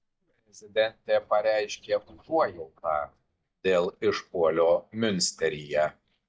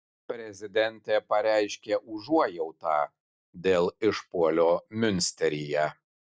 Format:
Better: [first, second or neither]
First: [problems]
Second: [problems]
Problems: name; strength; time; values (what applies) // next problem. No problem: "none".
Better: second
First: noise reduction (neural mask model DeepFilterNet 3)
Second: none